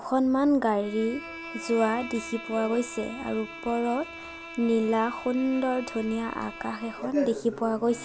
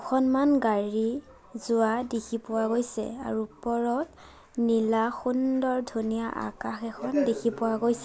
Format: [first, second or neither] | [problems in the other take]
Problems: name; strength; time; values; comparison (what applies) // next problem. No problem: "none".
second | background sound (Bowed string instrument); 15 dB below the speech